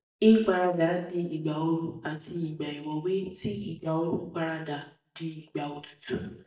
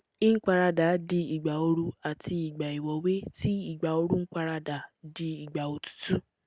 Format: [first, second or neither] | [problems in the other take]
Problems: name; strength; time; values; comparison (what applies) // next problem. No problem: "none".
second | noise reduction (neural mask model DeepFilterNet 3)